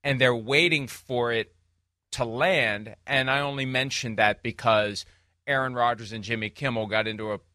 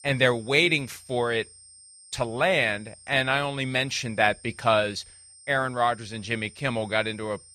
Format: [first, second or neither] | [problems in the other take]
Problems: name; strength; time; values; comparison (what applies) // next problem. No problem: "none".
first | high-pitched whine; faint; throughout; 8.5 kHz, 25 dB below the speech